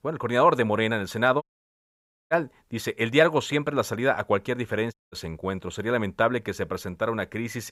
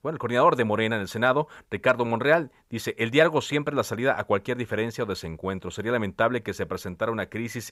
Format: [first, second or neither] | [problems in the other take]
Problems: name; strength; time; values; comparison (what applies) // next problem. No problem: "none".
second | audio cutting out; at 1.5 s for 1 s and at 5 s